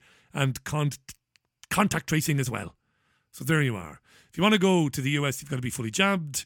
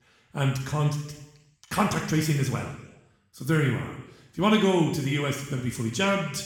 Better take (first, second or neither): first